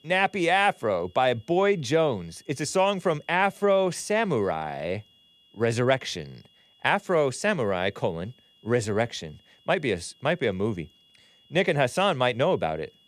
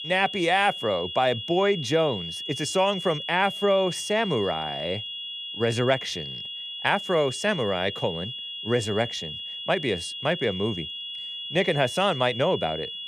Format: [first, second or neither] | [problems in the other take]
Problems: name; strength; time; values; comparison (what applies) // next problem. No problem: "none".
first | high-pitched whine; loud; throughout; 3.5 kHz, 7 dB below the speech; faint in the first